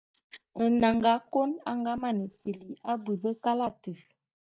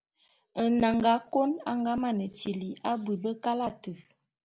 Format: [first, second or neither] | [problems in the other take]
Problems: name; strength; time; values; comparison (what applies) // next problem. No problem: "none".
second | noise reduction (neural mask model DeepFilterNet 3)